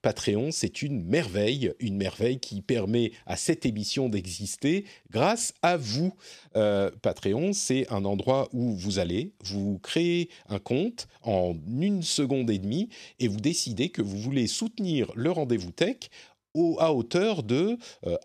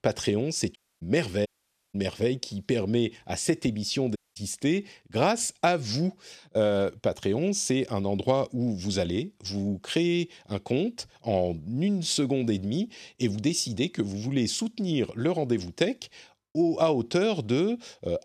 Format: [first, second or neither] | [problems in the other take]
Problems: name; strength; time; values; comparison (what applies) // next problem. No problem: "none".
first | audio cutting out; at 1 s, at 1.5 s and at 4 s